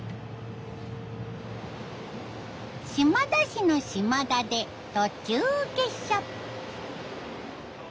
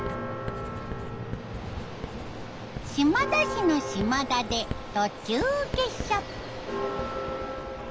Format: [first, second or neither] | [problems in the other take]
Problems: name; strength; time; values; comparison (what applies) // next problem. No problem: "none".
first | background sound (Writing + Church bell); 6 dB below the speech